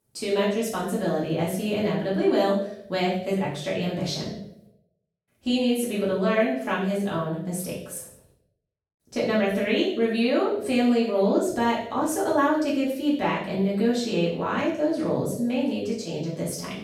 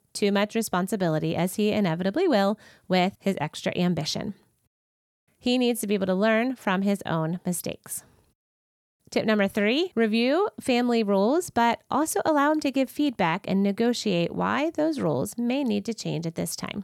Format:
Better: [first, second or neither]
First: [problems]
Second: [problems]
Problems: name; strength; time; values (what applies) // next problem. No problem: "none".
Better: second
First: room echo; noticeable; dies away in 0.6 s // off-mic speech; far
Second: none